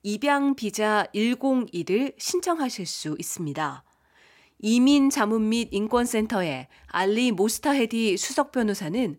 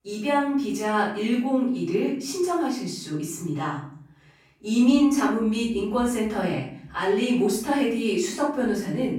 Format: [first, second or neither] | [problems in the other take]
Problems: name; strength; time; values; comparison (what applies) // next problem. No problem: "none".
first | off-mic speech; far // room echo; noticeable; dies away in 0.7 s